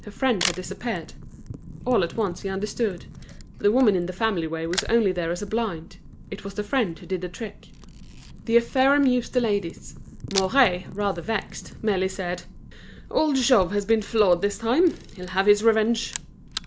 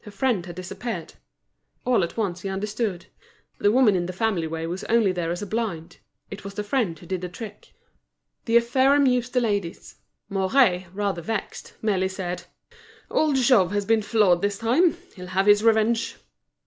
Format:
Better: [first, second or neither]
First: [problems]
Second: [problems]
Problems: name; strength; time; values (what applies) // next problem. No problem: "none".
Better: second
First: background sound (Wind / Fire + Camera); 13 dB below the speech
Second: none